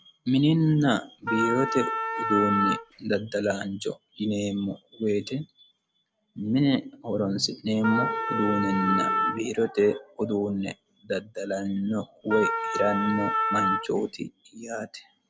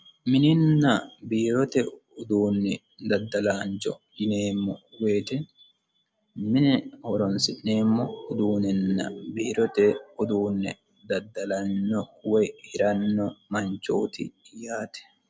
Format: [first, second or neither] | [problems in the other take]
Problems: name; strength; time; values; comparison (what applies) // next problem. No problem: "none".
second | background sound (Wind instrument, woodwind instrument); 1 dB below the speech